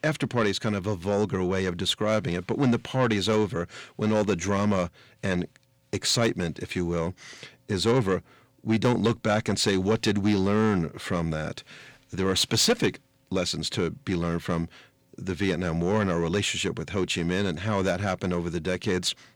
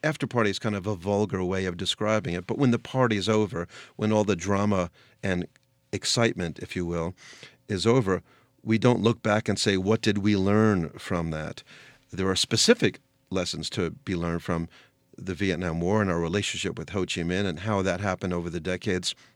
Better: second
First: distortion; slight; 10 dB below the speech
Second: none

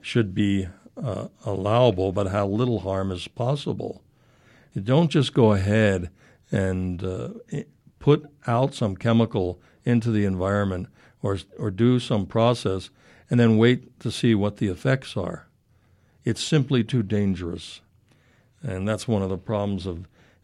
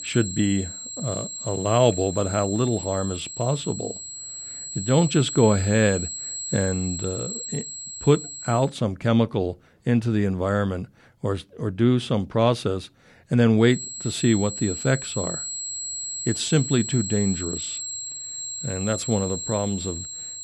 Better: first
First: none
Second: high-pitched whine; loud; until 8.5 s and from 14 s on; 7.5 kHz, 7 dB below the speech

